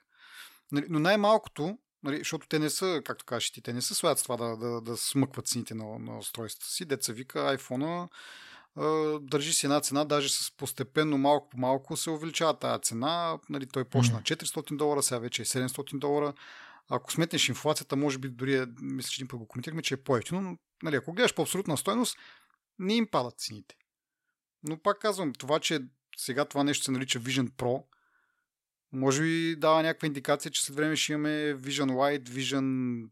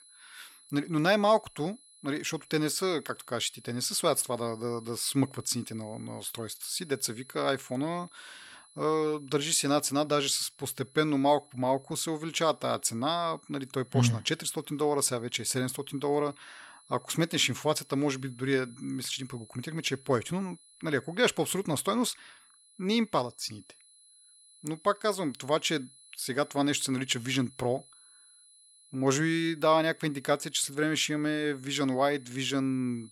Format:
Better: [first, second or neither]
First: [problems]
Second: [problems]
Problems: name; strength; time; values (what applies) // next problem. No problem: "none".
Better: first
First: none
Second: high-pitched whine; faint; throughout; 10 kHz, 25 dB below the speech